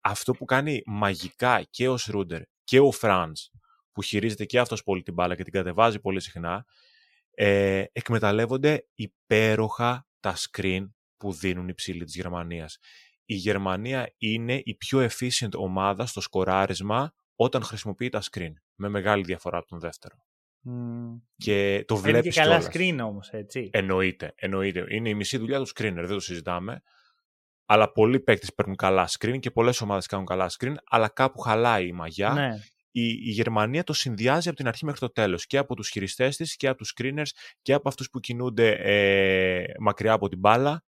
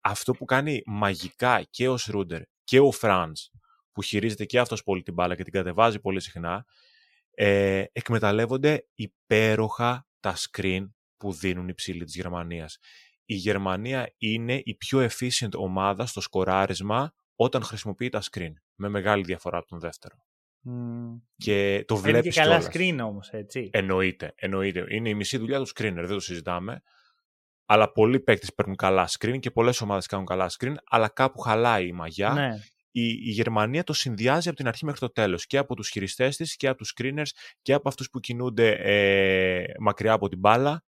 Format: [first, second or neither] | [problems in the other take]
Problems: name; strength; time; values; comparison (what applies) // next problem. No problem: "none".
neither | none